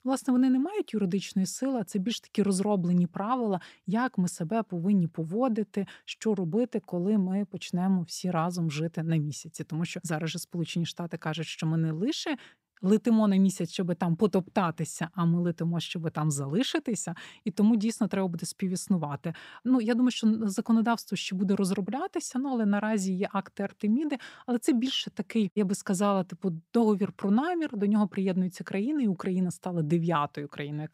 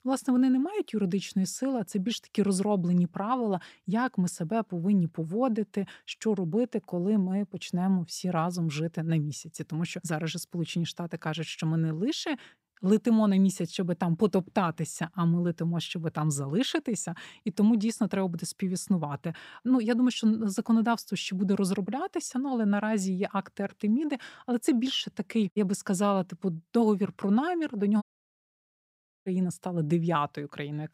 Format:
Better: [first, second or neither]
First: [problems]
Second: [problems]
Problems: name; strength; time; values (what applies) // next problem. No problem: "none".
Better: first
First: none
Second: audio cutting out; at 28 s for 1 s